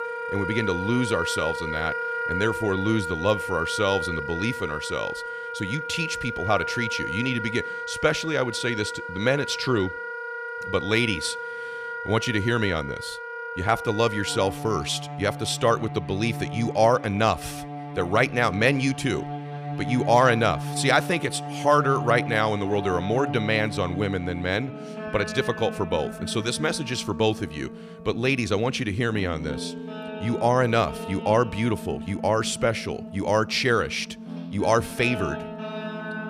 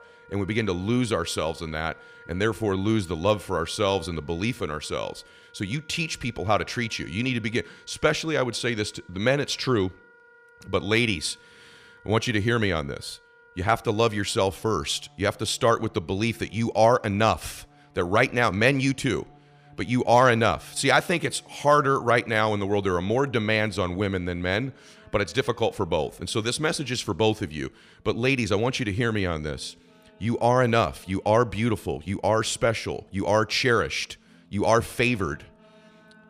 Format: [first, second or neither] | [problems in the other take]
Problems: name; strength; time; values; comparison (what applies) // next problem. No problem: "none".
second | background music; loud; throughout; 8 dB below the speech; faint in the second